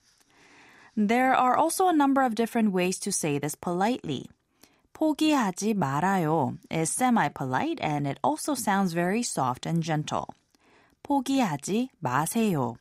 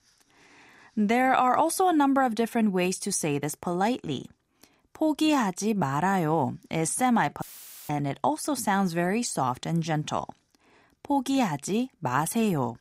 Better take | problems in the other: first | audio cutting out; filled with static; at 7.5 s

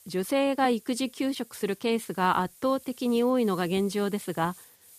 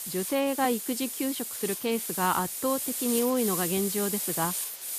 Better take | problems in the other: first | hiss; loud; throughout; 2 dB below the speech; faint in the first

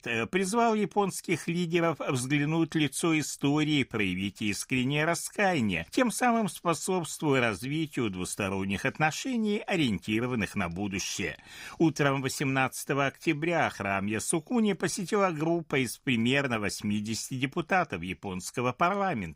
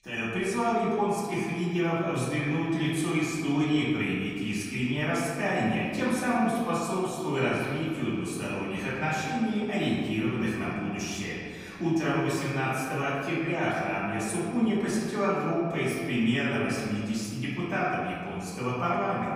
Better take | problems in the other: first | off-mic speech; far // room echo; strong; dies away in 1.9 s

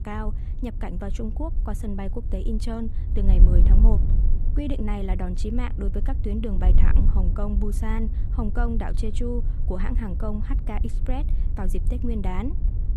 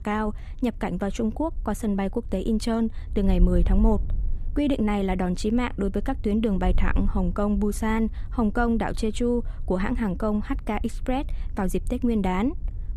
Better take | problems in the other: second | wind noise on the microphone; heavy; 9 dB below the speech; occasional gusts in the second

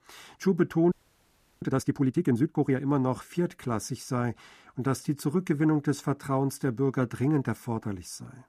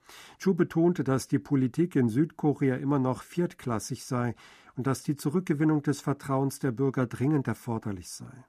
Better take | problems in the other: second | audio freezing; at 1 s for 0.5 s

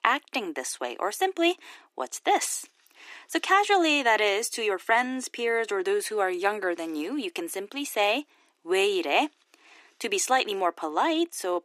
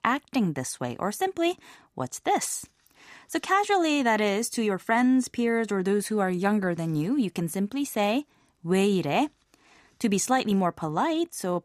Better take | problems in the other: second | thin; somewhat; fading below 300 Hz

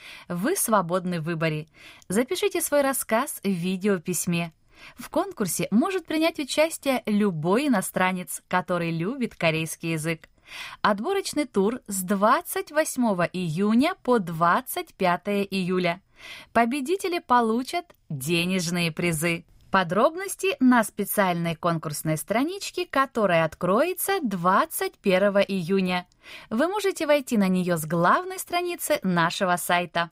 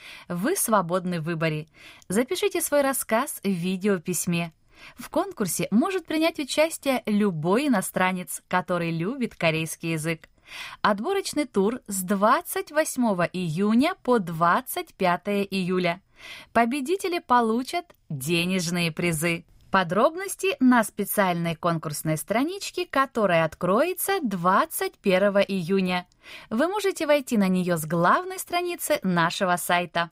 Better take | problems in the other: neither | none

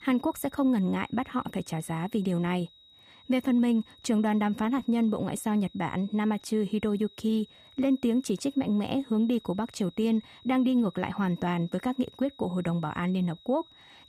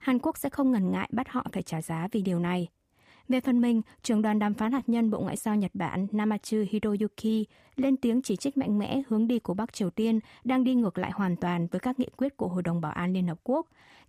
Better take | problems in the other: second | high-pitched whine; faint; throughout; 4 kHz, 25 dB below the speech

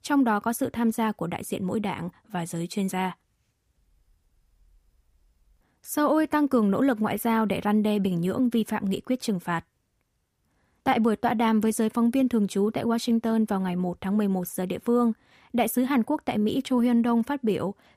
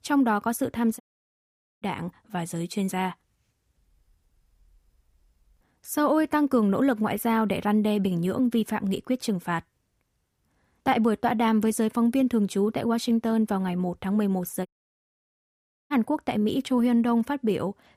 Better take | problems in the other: first | audio cutting out; at 1 s for 1 s and at 15 s for 1 s

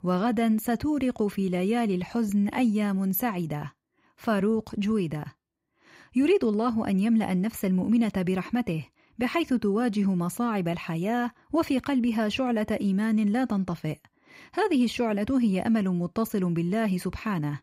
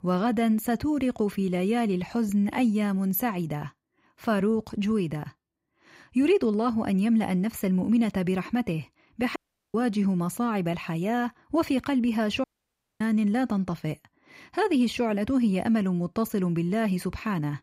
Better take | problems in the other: first | audio cutting out; at 9.5 s and at 12 s for 0.5 s

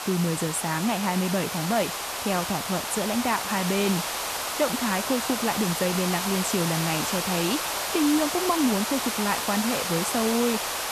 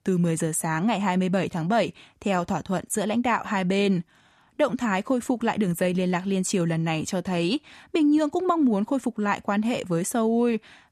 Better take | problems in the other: second | hiss; loud; throughout; 1 dB below the speech

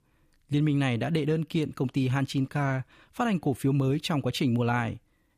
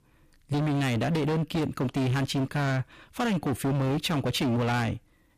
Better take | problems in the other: first | distortion; heavy; 29% of the sound clipped

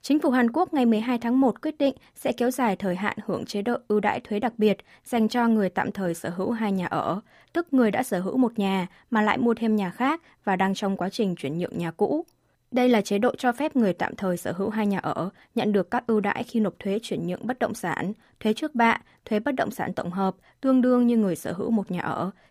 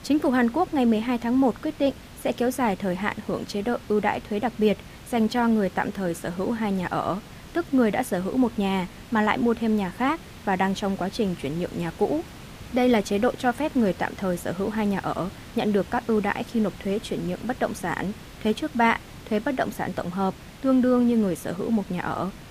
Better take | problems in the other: first | hiss; noticeable; throughout; 20 dB below the speech

